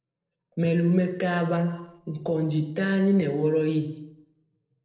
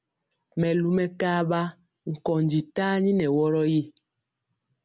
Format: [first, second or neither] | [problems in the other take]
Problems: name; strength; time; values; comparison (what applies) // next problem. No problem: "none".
second | noise reduction (neural separator model SepFormer DNS4)